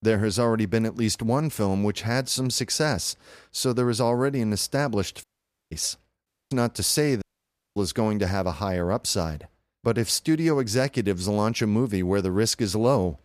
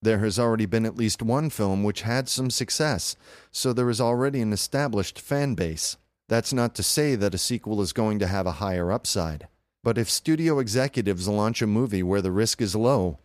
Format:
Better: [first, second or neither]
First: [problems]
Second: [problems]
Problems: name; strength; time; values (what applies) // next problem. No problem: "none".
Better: second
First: audio cutting out; at 5 s, at 6.5 s and at 7 s for 0.5 s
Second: none